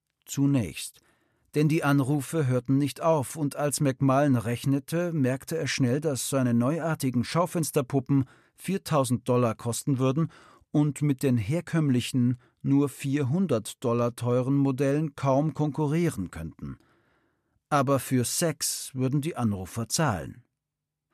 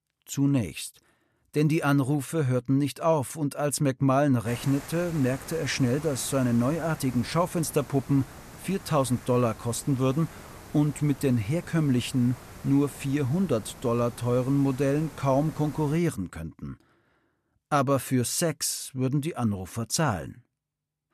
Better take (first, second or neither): first